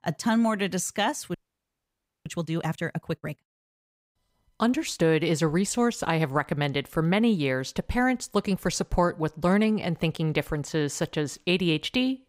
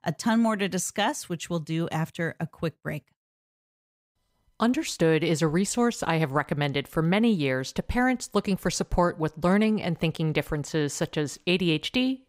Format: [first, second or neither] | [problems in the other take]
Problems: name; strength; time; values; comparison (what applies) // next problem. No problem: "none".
second | audio freezing; at 1.5 s for 1 s